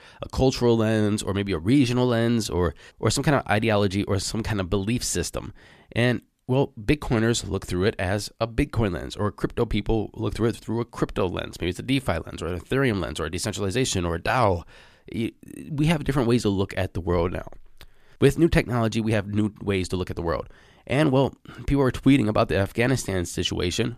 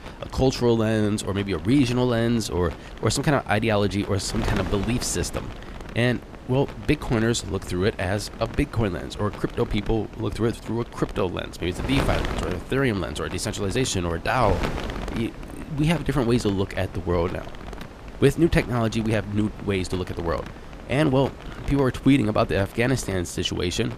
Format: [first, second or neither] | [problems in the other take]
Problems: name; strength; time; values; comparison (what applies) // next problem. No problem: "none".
first | wind noise on the microphone; occasional gusts; 10 dB below the speech